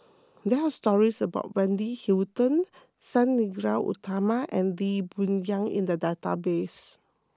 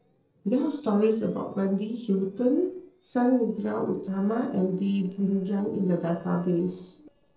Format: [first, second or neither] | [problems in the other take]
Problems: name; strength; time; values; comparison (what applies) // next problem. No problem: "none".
first | noise reduction (neural separator model SepFormer DNS4)